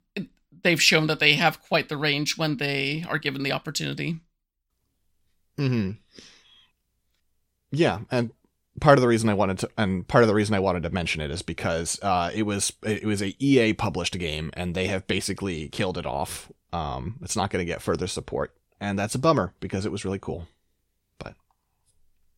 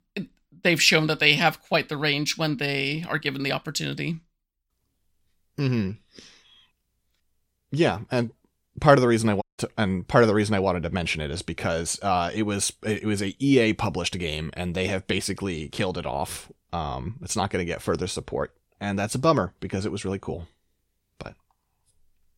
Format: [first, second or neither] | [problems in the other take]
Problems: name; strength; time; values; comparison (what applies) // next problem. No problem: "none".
first | audio cutting out; at 9.5 s